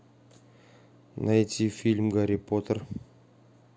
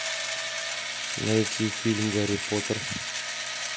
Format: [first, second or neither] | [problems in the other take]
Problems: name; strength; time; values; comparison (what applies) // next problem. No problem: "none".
first | background sound (Engine / Drill); 1 dB below the speech